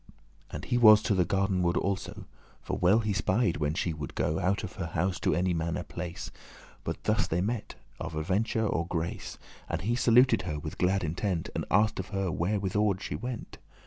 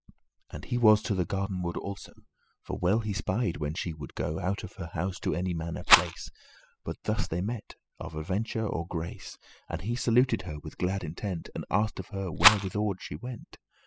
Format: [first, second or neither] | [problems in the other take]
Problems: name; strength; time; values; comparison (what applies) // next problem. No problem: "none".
first | noise reduction (classical method spectral subtraction)